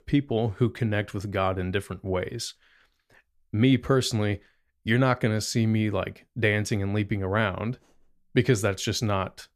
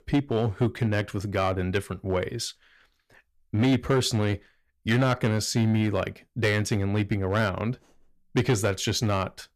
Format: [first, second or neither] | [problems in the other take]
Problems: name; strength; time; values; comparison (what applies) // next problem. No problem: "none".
first | distortion; slight; 5% of the sound clipped